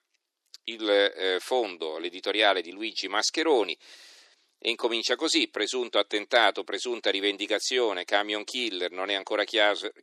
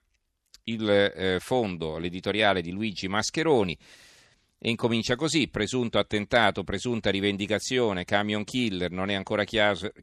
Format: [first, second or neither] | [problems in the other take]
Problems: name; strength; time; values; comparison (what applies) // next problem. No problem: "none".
second | thin; somewhat; fading below 300 Hz